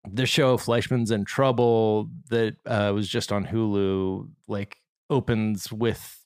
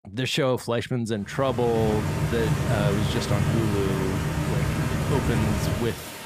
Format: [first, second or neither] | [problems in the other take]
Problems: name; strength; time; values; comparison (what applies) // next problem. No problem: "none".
first | rain or running water; very loud; from 1.5 s on; 1 dB above the speech